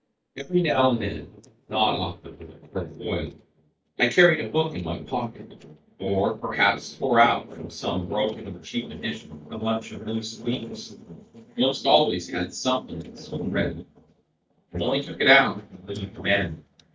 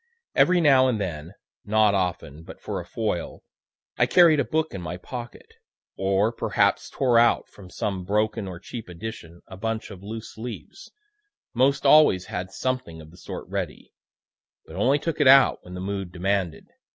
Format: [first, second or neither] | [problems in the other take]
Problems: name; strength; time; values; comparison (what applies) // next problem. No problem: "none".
second | noise reduction (neural mask model DeepFilterNet 3)